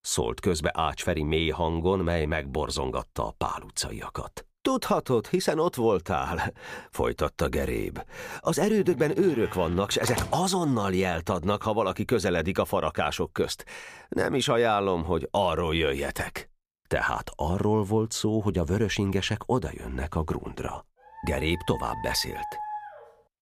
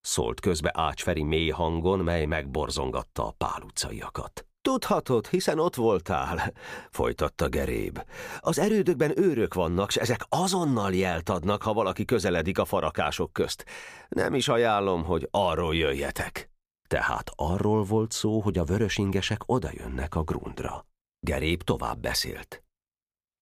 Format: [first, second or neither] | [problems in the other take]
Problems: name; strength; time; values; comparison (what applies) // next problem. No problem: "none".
second | door banging; noticeable; from 9 to 10 s; peak 4 dB below the speech // dog barking; noticeable; from 21 s on; peak 8 dB below the speech